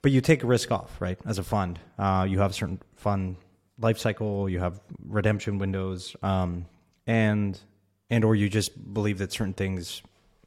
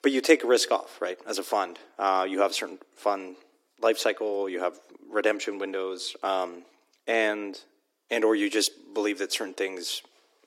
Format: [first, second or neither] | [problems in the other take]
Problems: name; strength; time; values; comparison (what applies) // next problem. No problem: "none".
first | thin; very; fading below 300 Hz